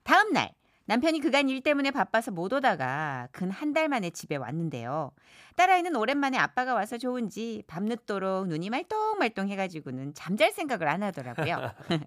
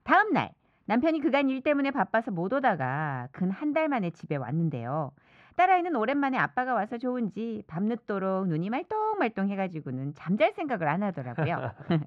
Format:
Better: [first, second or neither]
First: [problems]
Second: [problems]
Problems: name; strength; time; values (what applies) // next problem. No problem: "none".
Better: first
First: none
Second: muffled; very; fading above 2 kHz